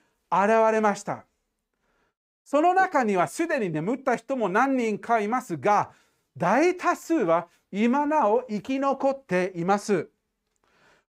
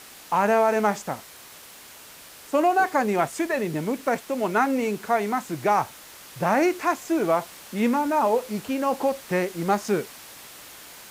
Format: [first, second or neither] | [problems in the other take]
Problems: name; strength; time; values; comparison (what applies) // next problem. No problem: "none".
first | hiss; noticeable; throughout; 20 dB below the speech